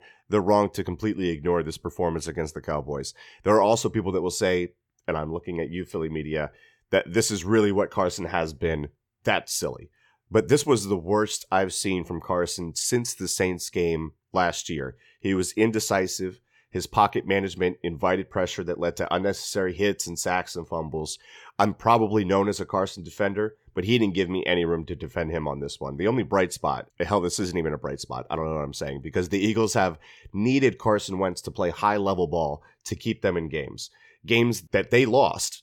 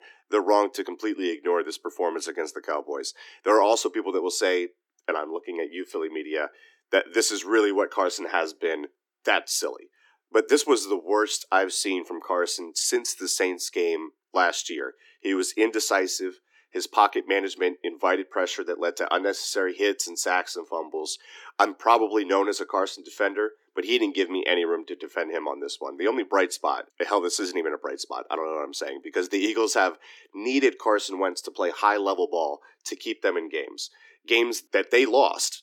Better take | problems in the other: first | thin; somewhat; fading below 300 Hz

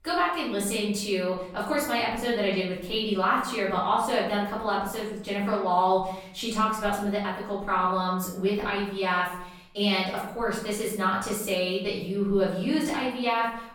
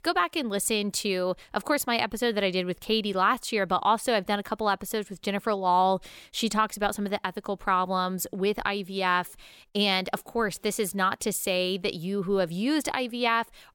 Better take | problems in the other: second | off-mic speech; far // room echo; noticeable; dies away in 0.7 s

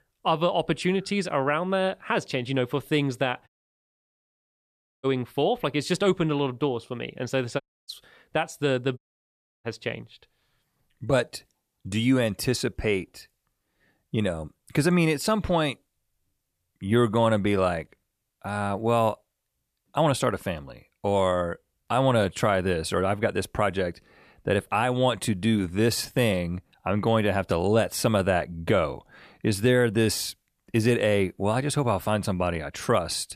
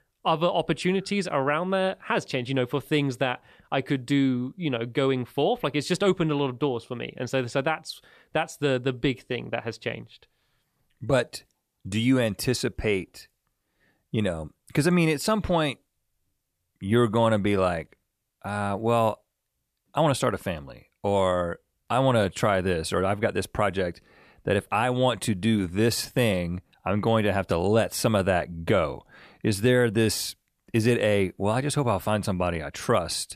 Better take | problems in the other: second | audio cutting out; at 3.5 s for 1.5 s, at 7.5 s and at 9 s for 0.5 s

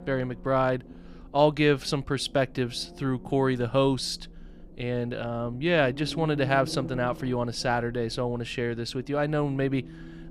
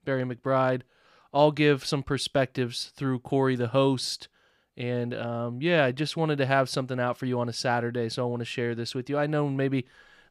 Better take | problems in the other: second | low rumble; faint; throughout; 20 dB below the speech

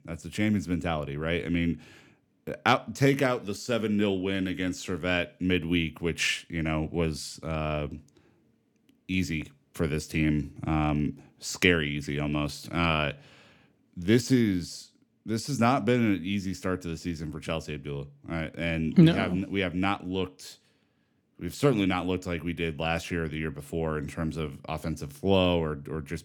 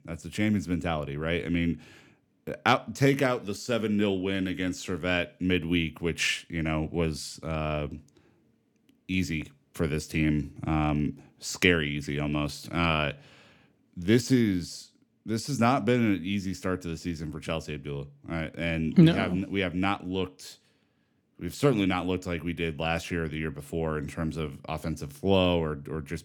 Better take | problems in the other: neither | none

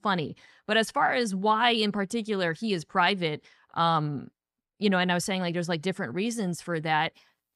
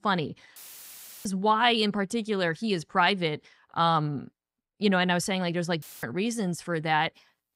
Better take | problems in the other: first | audio cutting out; filled with static; at 0.5 s for 0.5 s and at 6 s

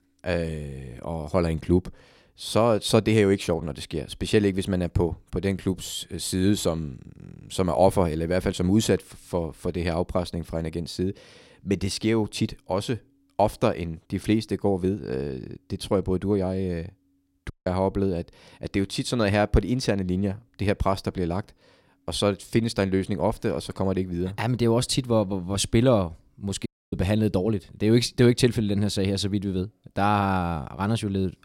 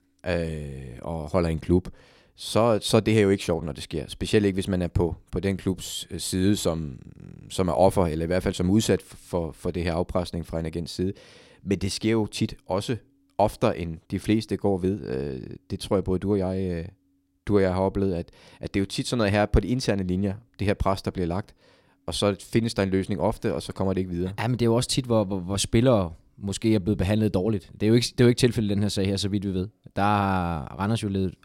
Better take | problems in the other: second | audio cutting out; at 18 s and at 27 s

